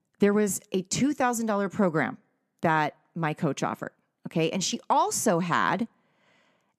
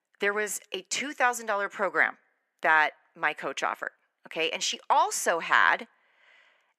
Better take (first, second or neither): first